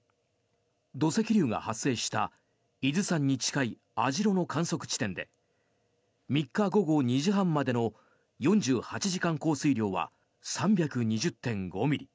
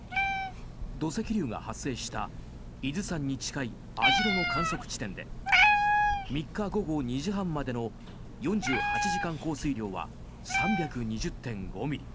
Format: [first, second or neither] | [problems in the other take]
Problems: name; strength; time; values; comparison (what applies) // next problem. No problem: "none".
first | background sound (Meow); 2 dB above the speech